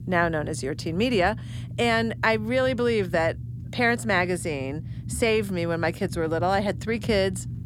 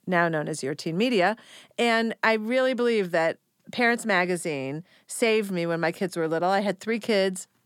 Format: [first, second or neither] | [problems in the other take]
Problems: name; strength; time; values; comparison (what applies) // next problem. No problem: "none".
second | low rumble; faint; throughout; 25 dB below the speech